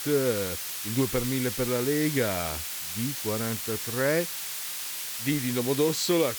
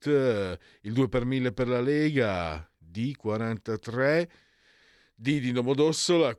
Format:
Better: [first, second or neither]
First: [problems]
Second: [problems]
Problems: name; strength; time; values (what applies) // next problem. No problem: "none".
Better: second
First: hiss; loud; throughout; 3 dB below the speech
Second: none